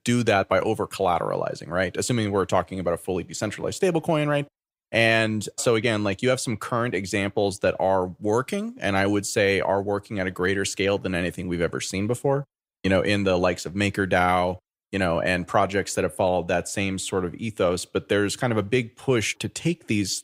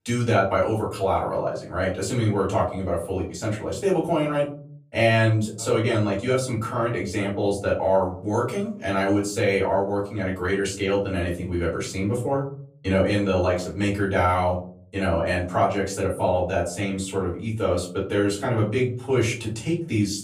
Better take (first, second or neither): first